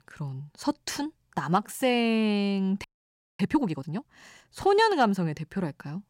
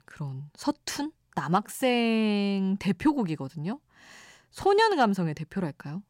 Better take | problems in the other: second | audio freezing; at 3 s for 0.5 s

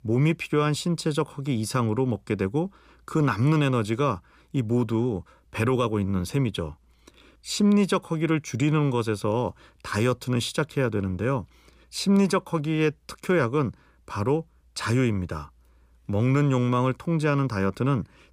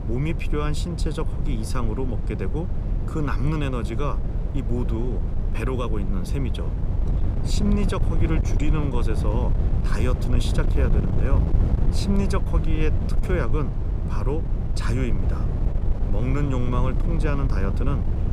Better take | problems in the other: first | wind noise on the microphone; heavy; 6 dB below the speech

